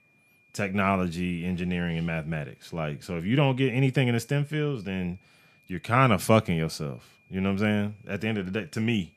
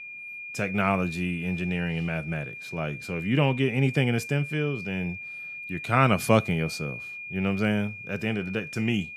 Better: first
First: high-pitched whine; faint; throughout; 2.5 kHz, 35 dB below the speech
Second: high-pitched whine; loud; throughout; 2.5 kHz, 9 dB below the speech

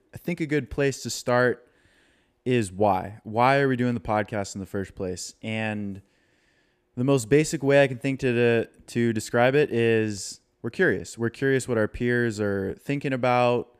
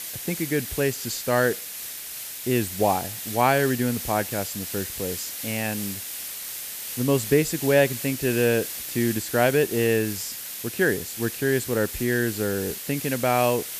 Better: first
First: none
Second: hiss; loud; throughout; 7 dB below the speech

